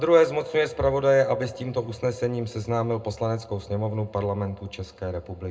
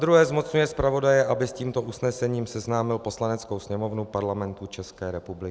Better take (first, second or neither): second